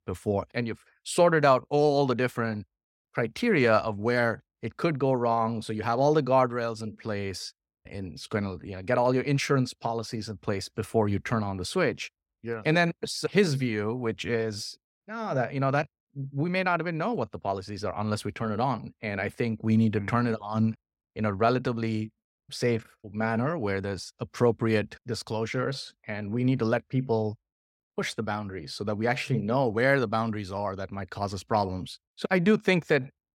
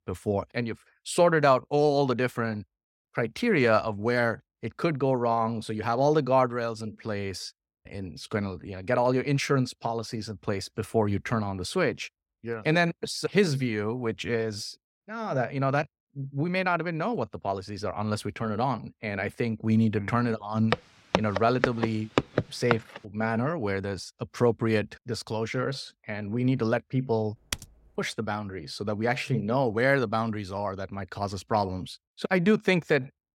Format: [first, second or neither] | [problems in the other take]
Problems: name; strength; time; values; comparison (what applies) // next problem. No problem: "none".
first | footsteps; noticeable; from 21 to 23 s; peak level with the speech // keyboard typing; noticeable; at 28 s; peak 8 dB below the speech